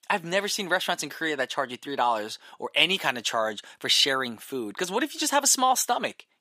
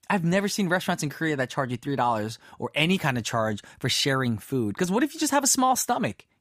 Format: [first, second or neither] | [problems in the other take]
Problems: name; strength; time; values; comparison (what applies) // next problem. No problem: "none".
second | thin; somewhat; fading below 400 Hz